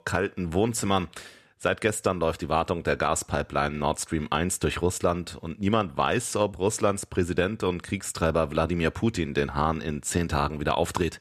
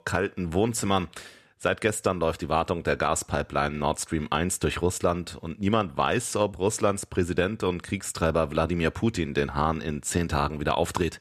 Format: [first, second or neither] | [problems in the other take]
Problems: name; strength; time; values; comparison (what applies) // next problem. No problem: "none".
neither | none